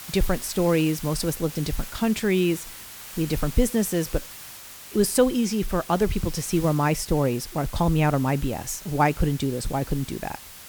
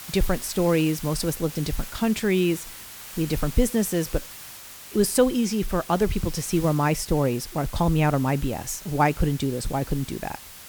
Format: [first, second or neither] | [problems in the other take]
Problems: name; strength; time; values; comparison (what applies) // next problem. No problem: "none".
neither | hiss; noticeable; throughout; 15 dB below the speech; the same in both